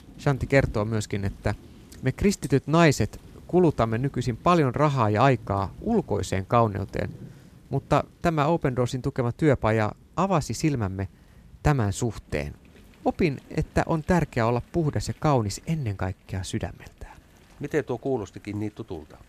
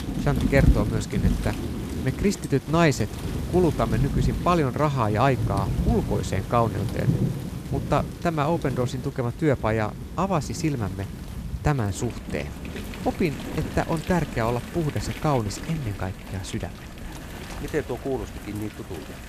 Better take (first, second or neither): first